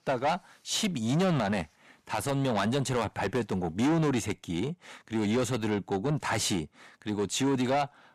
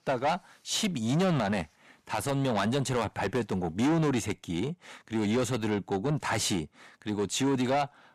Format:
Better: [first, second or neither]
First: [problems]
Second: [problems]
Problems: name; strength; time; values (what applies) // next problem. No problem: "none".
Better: neither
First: distortion; heavy; 7 dB below the speech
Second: distortion; heavy; 7 dB below the speech